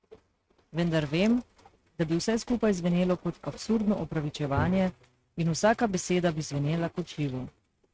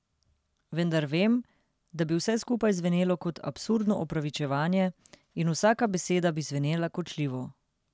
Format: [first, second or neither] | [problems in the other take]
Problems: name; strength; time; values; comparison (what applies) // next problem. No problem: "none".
second | noise reduction (neural mask model RNNoise)